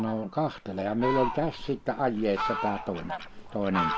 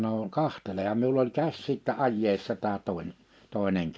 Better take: second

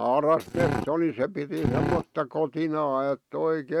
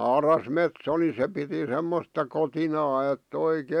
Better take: second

